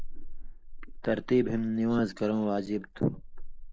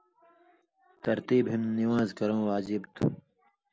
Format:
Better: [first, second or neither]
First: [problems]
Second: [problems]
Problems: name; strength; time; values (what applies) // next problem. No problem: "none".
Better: second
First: noise reduction (neural mask model Resemble Enhance denoiser)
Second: none